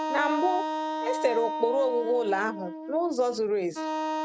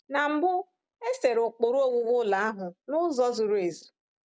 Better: second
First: background sound (Wind instrument, woodwind instrument); 4 dB below the speech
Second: none

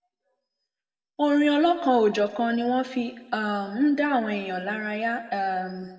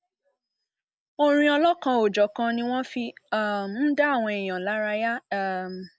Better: second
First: room echo; dies away in 0.7 s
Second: none

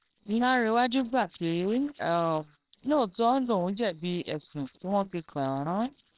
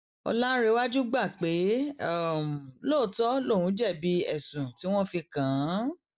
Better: second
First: noise reduction (neural separator model SepFormer WHAMR!)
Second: none

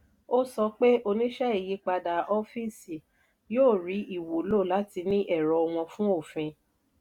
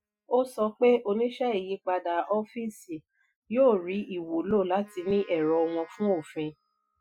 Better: first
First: none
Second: noise reduction (classical method Wiener filter)

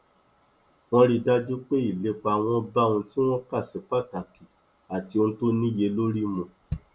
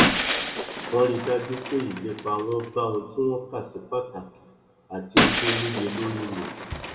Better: first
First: none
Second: background sound (Shatter); as loud as the speech // room echo; dies away in 1.3 s

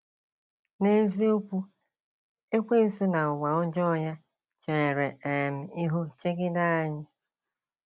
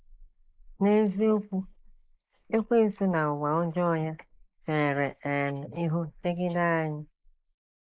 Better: first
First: none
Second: noise reduction (neural mask model Resemble Enhance denoiser)

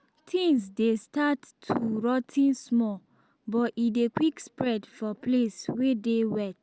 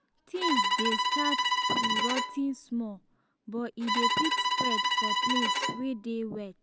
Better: first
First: none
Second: background sound (Bowed string instrument); 5 dB above the speech

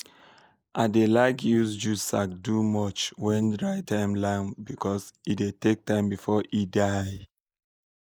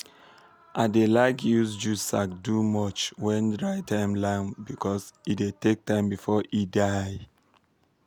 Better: second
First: noise reduction (neural mask model Resemble Enhance denoiser)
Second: none

